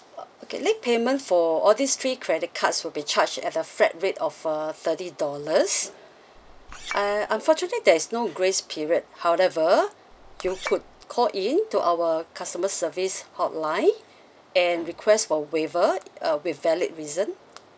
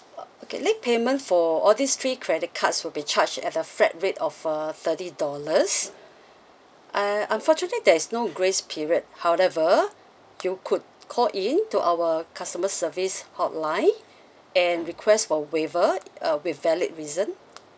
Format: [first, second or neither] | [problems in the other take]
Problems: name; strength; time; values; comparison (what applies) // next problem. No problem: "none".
second | background sound (Chink, clink); 15 dB below the speech